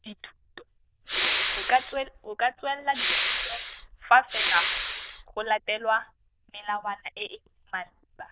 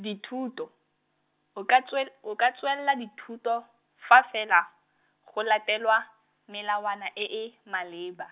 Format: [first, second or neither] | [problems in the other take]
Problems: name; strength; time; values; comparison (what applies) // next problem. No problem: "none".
second | noise reduction (neural diffusion model UNIVERSE++)